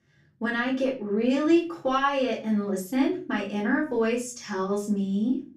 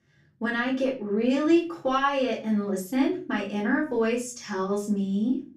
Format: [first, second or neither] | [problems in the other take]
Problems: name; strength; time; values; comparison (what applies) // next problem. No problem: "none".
neither | off-mic speech; far; the same in both // room echo; slight; dies away in 0.3 s; the same in both